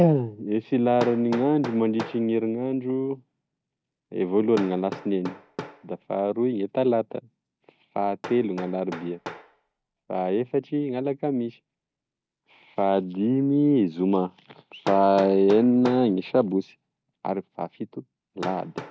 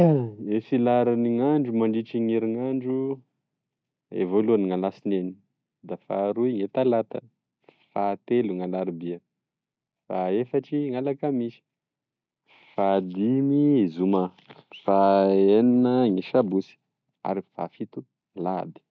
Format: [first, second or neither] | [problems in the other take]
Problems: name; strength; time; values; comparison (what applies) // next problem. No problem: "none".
second | background sound (Hammer); 16 dB below the speech